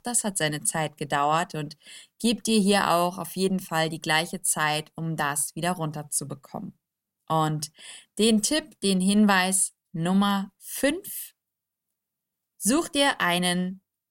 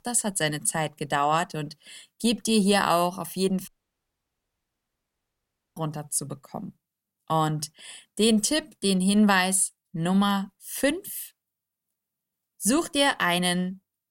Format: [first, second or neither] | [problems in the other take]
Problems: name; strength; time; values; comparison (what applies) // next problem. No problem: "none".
first | audio cutting out; at 3.5 s for 2 s